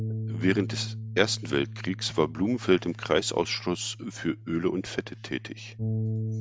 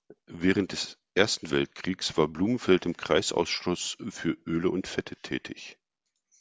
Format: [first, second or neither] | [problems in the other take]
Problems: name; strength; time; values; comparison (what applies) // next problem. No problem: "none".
second | background sound (Bass guitar); 6 dB below the speech